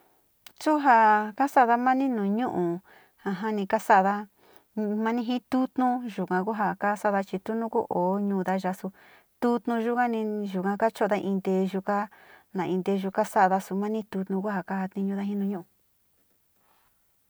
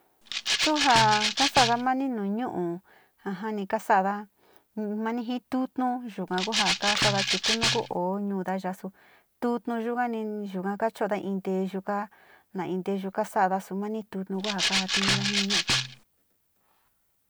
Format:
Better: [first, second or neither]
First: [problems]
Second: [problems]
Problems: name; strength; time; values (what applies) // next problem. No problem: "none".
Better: first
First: none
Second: background sound (Rattle (instrument)); 2 dB above the speech